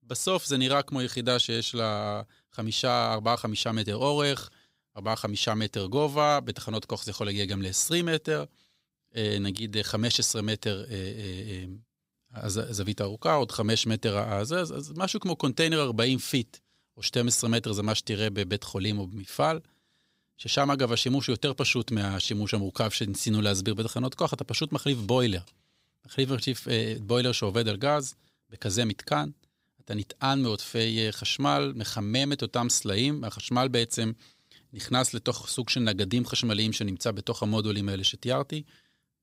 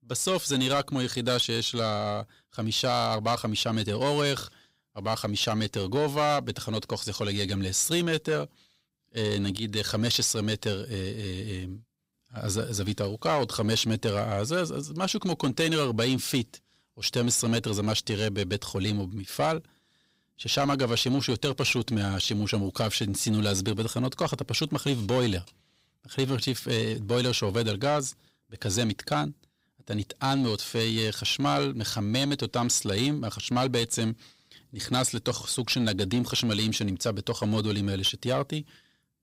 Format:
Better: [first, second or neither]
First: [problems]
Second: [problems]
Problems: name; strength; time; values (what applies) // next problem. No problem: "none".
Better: first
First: none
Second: distortion; slight; 10 dB below the speech